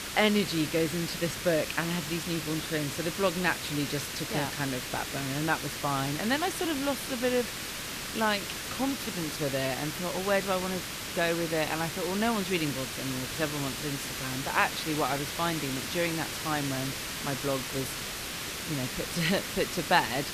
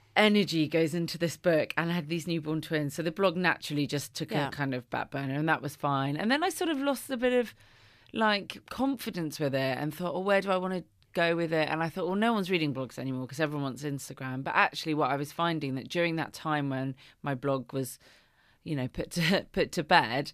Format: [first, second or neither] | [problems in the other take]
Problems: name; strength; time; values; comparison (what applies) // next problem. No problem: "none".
second | hiss; loud; throughout; 3 dB below the speech